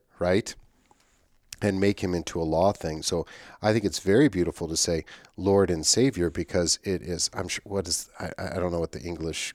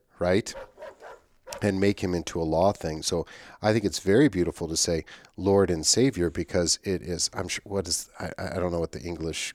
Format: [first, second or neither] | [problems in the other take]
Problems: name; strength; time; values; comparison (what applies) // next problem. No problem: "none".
first | dog barking; faint; from 0.5 to 1.5 s; peak 15 dB below the speech